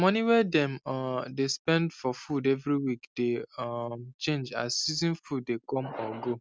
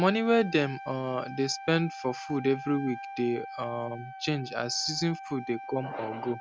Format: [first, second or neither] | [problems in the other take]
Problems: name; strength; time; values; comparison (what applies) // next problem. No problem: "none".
first | background sound (Wind instrument, woodwind instrument); 12 dB below the speech